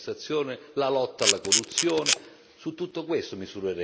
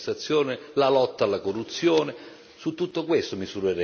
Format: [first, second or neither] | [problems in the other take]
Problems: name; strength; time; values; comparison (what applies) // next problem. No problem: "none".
second | background sound (Camera); 4 dB above the speech